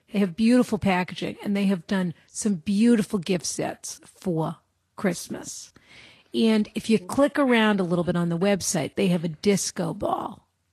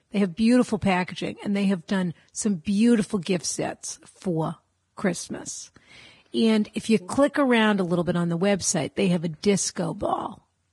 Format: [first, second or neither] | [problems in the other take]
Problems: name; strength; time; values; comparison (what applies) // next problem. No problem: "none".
first | garbled, watery; badly; nothing above 10.5 kHz; slightly in the first